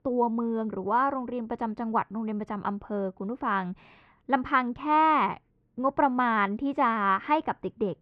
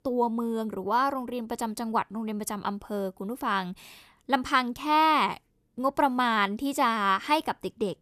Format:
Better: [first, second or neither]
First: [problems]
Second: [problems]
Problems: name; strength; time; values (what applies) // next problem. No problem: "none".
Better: second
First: muffled; very; fading above 2 kHz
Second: none